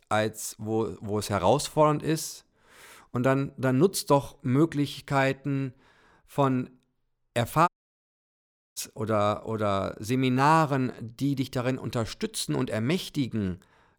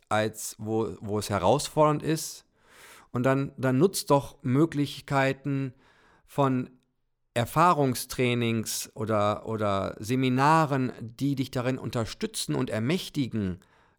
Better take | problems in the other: second | audio cutting out; at 7.5 s for 1 s

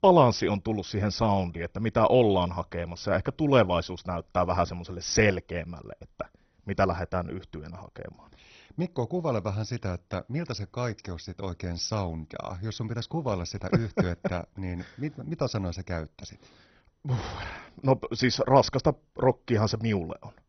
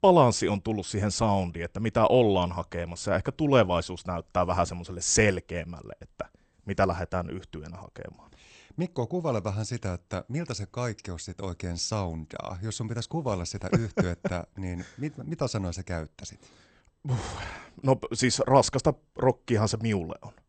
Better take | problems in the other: second | garbled, watery; badly; nothing above 6 kHz; slightly in the second

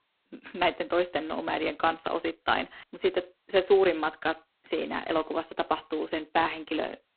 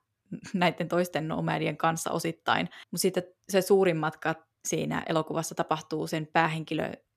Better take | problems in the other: second | phone-call audio; poor line; nothing above 4 kHz

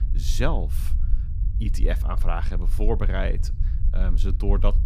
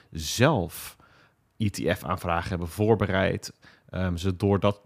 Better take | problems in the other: second | low rumble; noticeable; throughout; 15 dB below the speech

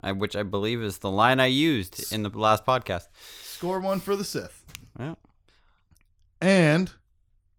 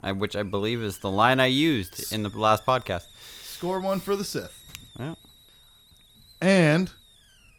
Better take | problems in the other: first | hiss; faint; throughout; 25 dB below the speech

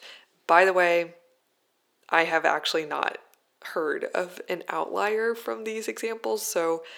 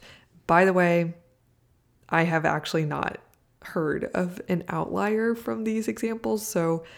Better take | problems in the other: second | thin; very; fading below 400 Hz

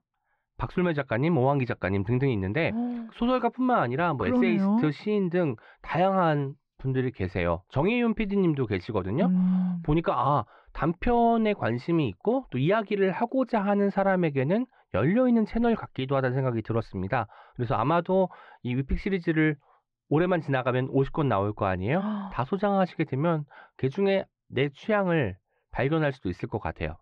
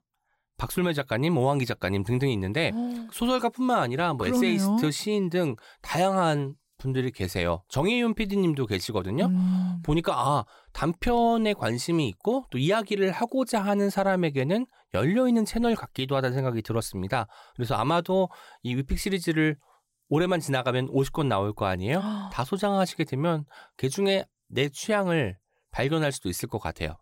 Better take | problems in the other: second | muffled; very; fading above 2.5 kHz

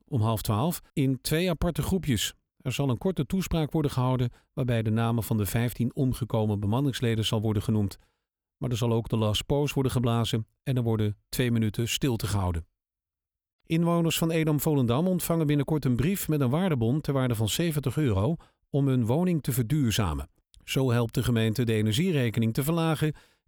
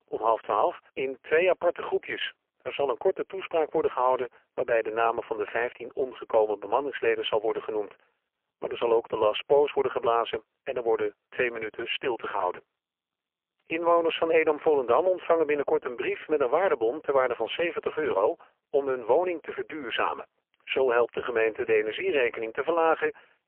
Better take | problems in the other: first | phone-call audio; poor line; nothing above 3 kHz

